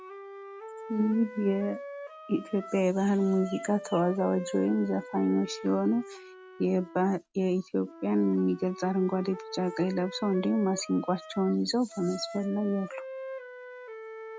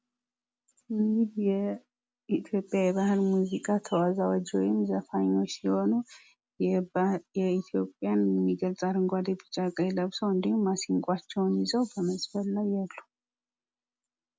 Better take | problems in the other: second | background sound (Wind instrument, woodwind instrument); 14 dB below the speech

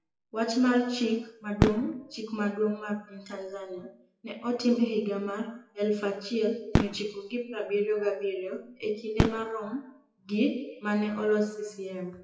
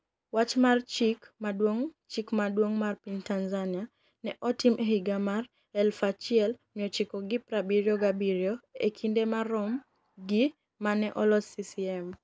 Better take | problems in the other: second | noise reduction (classical method WPE with log-MMSE)

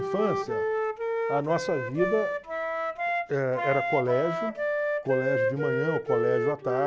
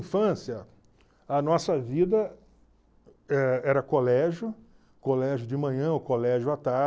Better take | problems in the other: second | background sound (Wind instrument, woodwind instrument); 1 dB above the speech

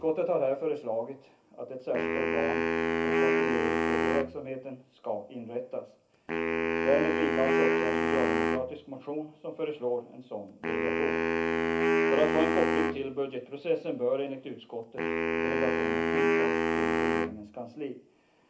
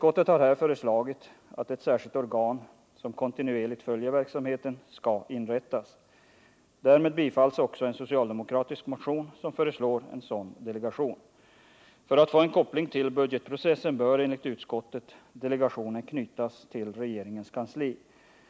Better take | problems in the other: second | background sound (Wind instrument, woodwind instrument); 4 dB above the speech // room echo; dies away in 0.3 s

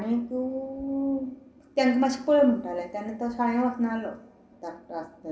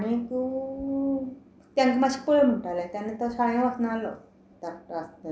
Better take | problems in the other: second | room echo; dies away in 1.1 s

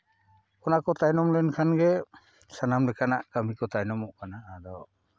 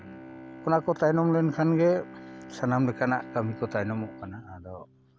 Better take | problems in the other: first | background sound (Bowed string instrument); 16 dB below the speech

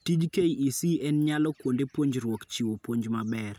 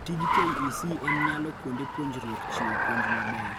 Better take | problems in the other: first | background sound (Car); 4 dB above the speech

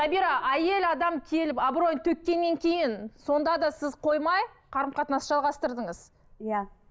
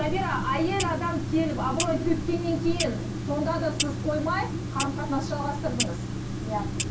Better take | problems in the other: first | background sound (Clock); 2 dB below the speech // room echo; dies away in 0.2 s

